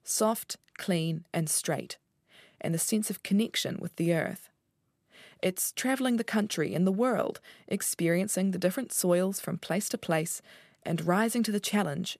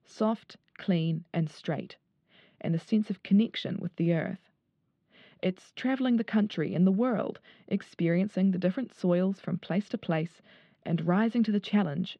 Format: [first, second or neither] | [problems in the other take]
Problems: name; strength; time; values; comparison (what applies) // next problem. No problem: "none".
first | muffled; slightly; fading above 3.5 kHz